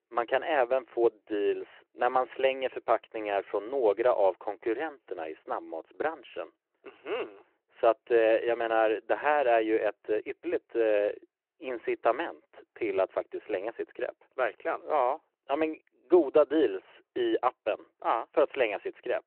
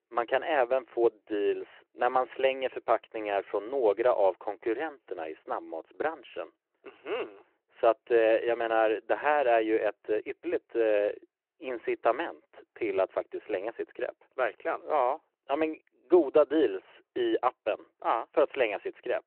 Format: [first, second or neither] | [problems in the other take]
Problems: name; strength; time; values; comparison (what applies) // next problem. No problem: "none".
neither | phone-call audio; the same in both